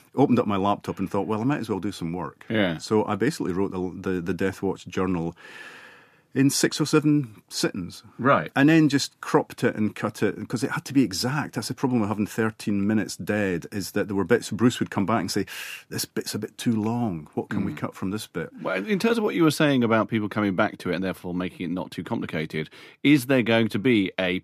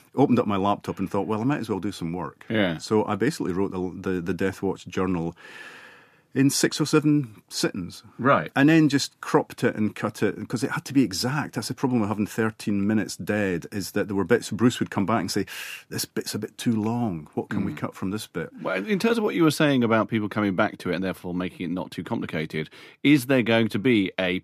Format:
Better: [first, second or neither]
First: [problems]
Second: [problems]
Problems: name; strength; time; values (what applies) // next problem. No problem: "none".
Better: neither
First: none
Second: none